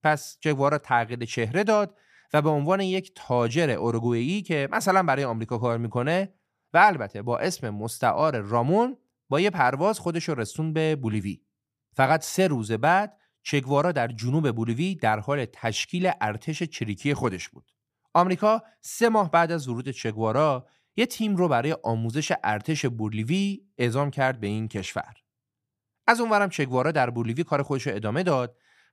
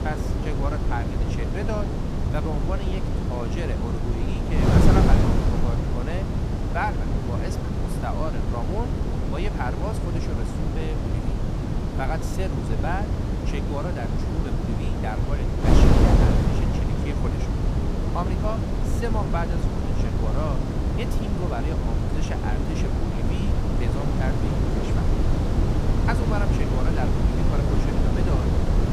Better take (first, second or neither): first